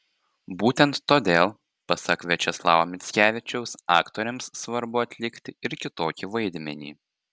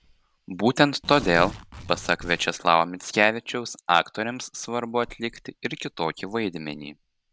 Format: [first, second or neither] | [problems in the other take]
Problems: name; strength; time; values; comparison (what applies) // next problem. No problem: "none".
first | background sound (Tearing); 19 dB below the speech